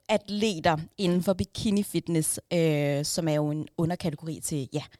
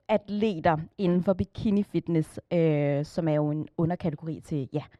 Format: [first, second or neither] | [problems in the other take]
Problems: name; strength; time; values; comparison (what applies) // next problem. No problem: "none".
first | muffled; very; fading above 4 kHz